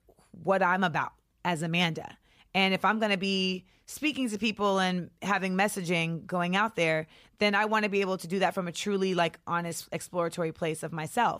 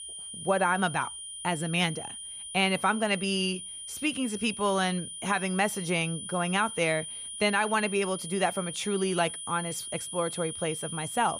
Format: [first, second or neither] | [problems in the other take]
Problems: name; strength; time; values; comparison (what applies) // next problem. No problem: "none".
first | high-pitched whine; loud; throughout; 9.5 kHz, 8 dB below the speech